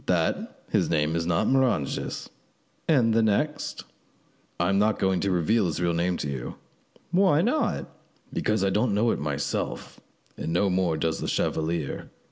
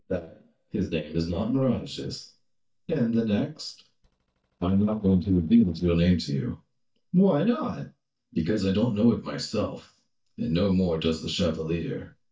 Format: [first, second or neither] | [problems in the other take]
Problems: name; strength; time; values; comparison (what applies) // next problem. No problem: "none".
first | noise reduction (neural mask model DeepFilterNet 3)